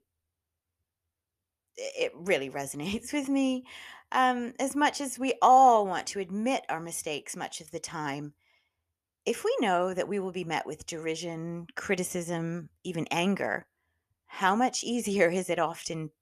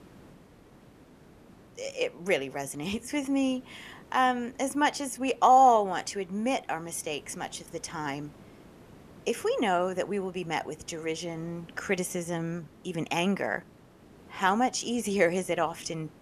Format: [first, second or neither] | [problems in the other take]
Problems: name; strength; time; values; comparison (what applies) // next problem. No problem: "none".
first | hiss; faint; throughout; 25 dB below the speech